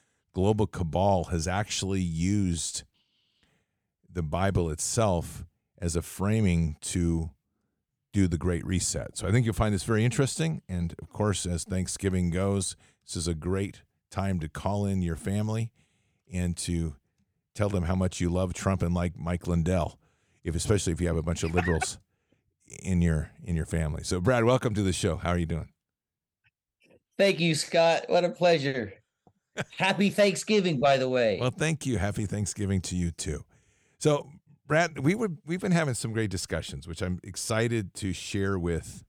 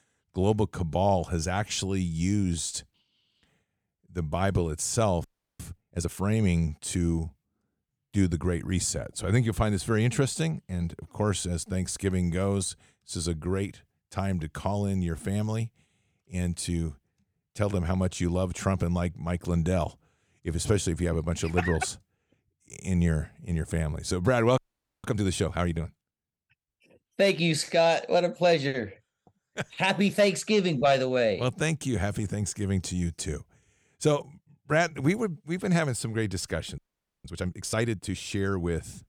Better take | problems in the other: first | audio freezing; at 5 s, at 25 s and at 37 s

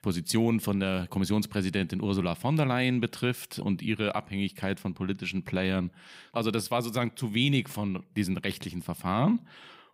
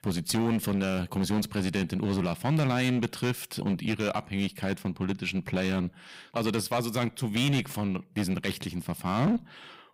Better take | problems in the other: first | distortion; slight; 11% of the sound clipped

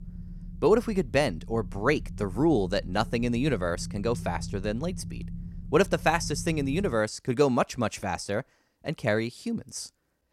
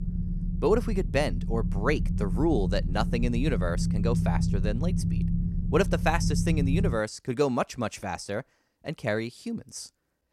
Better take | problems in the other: first | low rumble; loud; until 7 s; 10 dB below the speech; faint in the first

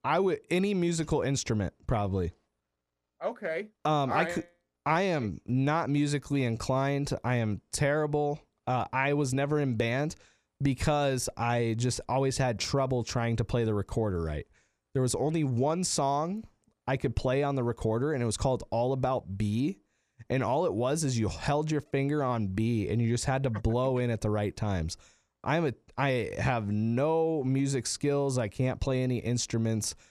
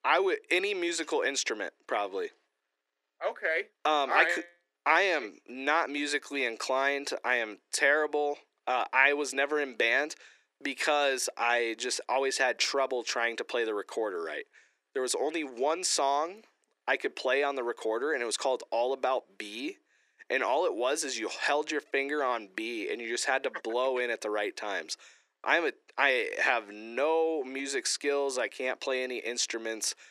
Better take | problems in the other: first | thin; very; fading below 350 Hz

